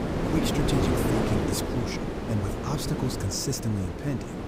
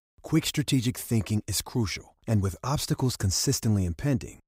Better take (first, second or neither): second